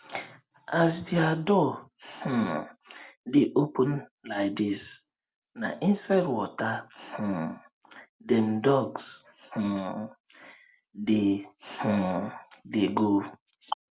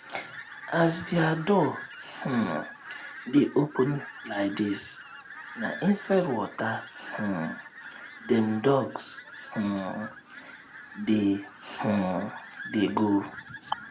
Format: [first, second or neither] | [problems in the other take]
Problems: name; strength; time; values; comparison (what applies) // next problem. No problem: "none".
first | background sound (Fowl); 15 dB below the speech